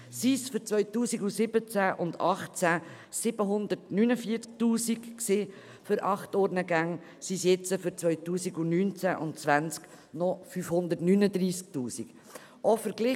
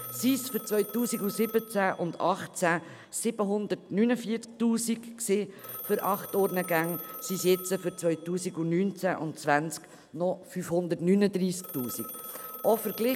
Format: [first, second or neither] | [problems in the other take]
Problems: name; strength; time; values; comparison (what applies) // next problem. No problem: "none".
first | background sound (Telephone); 15 dB below the speech